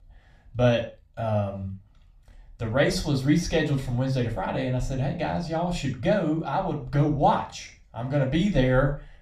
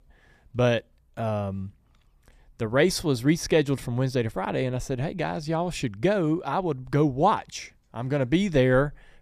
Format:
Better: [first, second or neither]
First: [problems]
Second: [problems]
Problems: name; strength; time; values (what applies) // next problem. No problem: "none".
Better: second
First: room echo; slight; dies away in 0.3 s // off-mic speech; far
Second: none